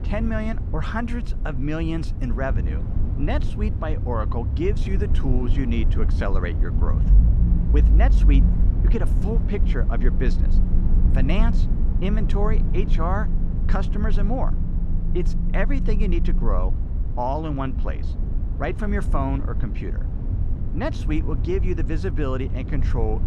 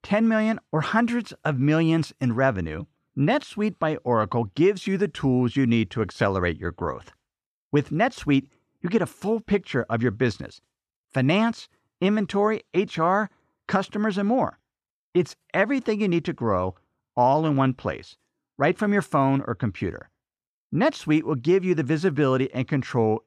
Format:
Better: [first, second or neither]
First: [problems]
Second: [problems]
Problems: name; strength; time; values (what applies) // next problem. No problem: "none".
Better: second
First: low rumble; loud; throughout; 8 dB below the speech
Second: none